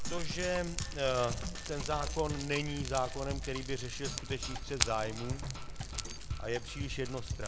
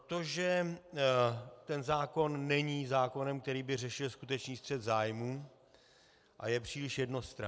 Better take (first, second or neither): second